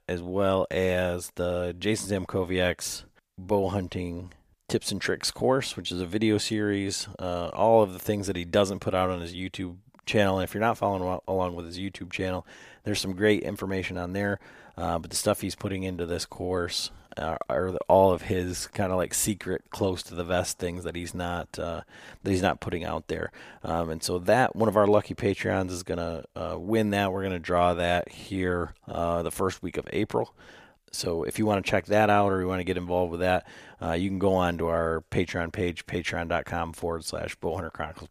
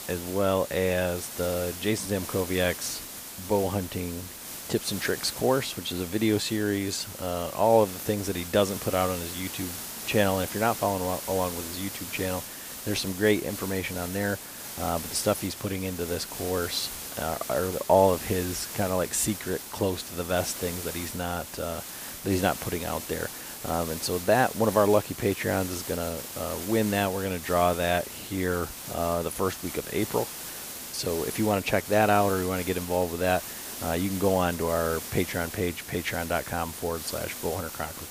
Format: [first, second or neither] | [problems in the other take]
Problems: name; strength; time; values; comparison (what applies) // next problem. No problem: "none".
first | hiss; loud; throughout; 8 dB below the speech